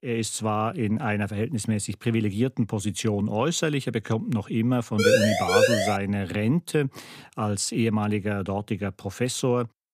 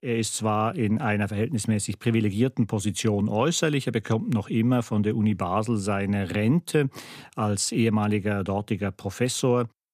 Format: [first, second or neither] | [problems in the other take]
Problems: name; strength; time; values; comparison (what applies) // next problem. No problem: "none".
second | siren; loud; at 5 s; peak 6 dB above the speech